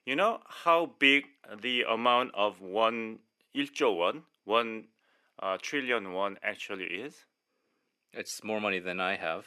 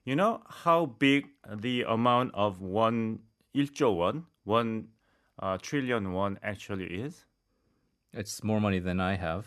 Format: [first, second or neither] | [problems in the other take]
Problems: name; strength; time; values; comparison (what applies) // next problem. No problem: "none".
second | thin; somewhat; fading below 400 Hz